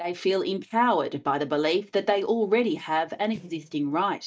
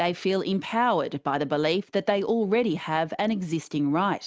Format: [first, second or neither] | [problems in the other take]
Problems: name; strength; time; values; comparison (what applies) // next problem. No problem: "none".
second | noise reduction (neural mask model DeepFilterNet 3)